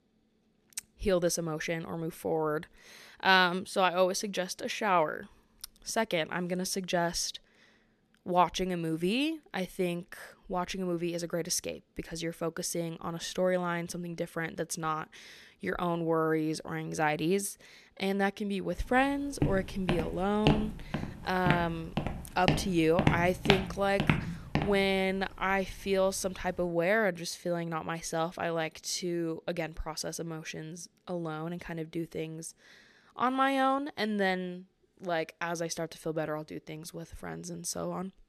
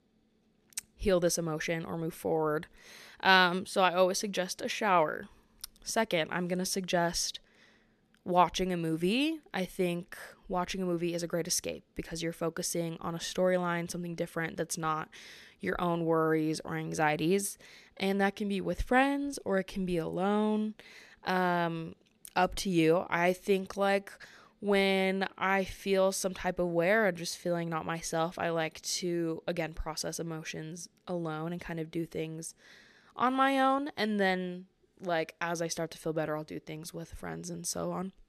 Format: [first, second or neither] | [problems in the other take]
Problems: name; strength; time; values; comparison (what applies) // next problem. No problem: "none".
second | footsteps; loud; from 19 to 25 s; peak 2 dB above the speech